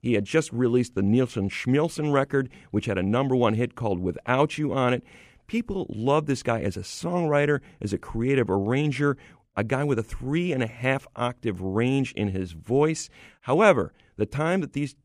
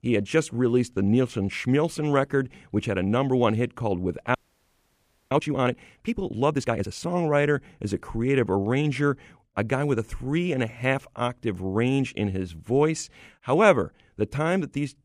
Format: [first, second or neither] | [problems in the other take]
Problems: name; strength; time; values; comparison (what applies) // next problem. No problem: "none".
first | audio freezing; at 4.5 s for 1 s